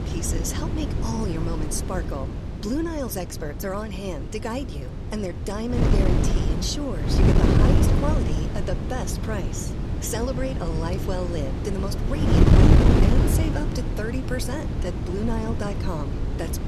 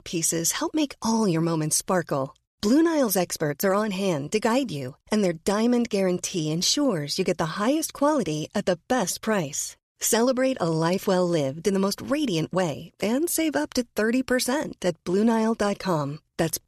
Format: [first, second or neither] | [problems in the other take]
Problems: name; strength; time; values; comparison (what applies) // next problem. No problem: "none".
second | wind noise on the microphone; heavy; 1 dB above the speech